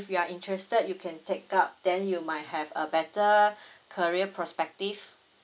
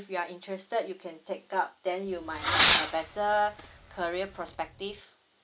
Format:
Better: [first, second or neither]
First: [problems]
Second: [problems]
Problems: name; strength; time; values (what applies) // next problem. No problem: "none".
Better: first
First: none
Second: background sound (Fireworks); 2 dB above the speech